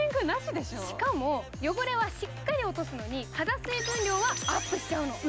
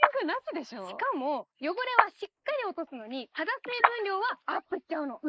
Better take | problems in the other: first | noise reduction (neural mask model Resemble Enhance denoiser)

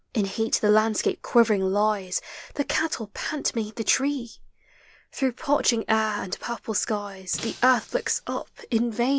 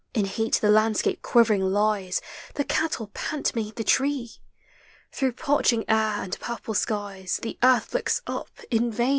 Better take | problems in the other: second | background sound (Shatter); 19 dB below the speech

